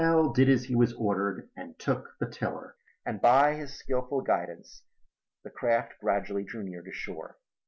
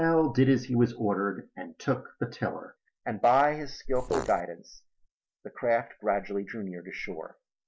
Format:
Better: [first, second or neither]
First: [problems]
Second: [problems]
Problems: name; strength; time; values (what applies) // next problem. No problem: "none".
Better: first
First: none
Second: noise reduction (neural mask model DeepFilterNet 3)